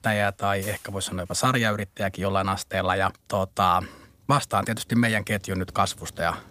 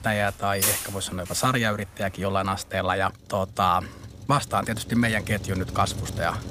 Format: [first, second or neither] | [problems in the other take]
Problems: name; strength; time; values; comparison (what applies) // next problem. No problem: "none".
first | traffic noise; loud; throughout; 5 dB below the speech; faint in the first